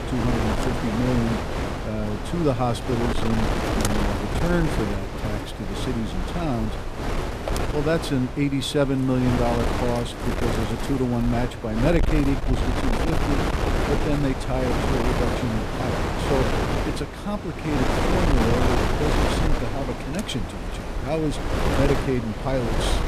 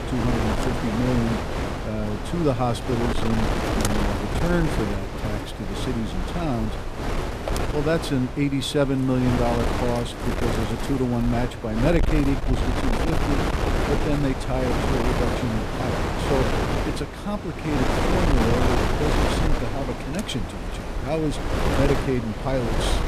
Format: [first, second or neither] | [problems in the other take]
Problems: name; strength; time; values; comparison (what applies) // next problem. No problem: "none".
neither | wind noise on the microphone; heavy; 1 dB above the speech; the same in both